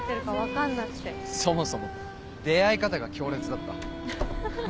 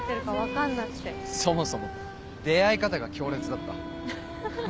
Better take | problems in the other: second | background sound (Door); 12 dB below the speech

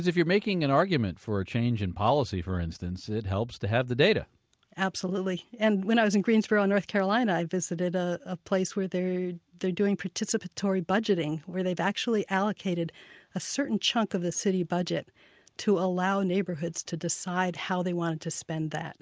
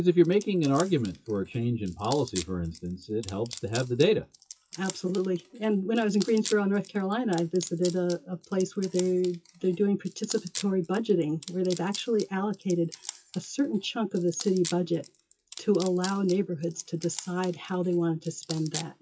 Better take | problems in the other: first | noise reduction (classical method WPE with log-MMSE)

